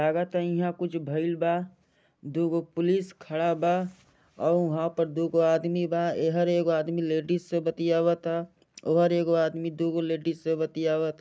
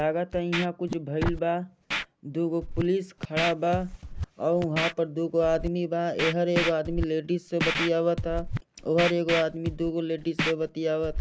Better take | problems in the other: first | background sound (Scratching (performance technique)); 6 dB below the speech

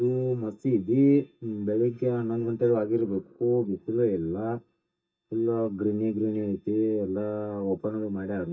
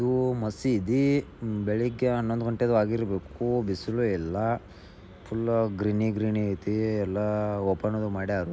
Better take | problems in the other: second | noise reduction (neural mask model DeepFilterNet 3)

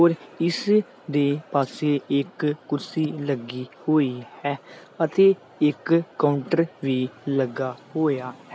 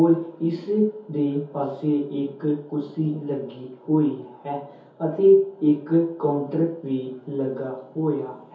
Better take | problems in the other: first | room echo; dies away in 0.6 s

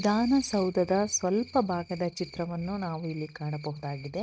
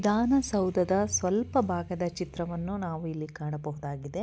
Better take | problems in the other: second | noise reduction (neural mask model RNNoise)

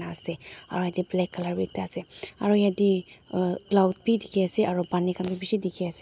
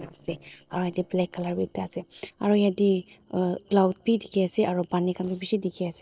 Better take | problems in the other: first | noise reduction (neural separator model SepFormer DNS4)

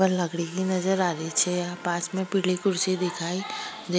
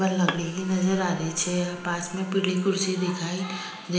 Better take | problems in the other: first | background sound (Bowed string instrument); 12 dB below the speech // room echo; dies away in 0.8 s

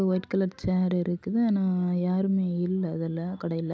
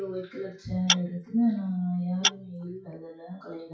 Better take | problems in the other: first | noise reduction (classical method WPE with log-MMSE)

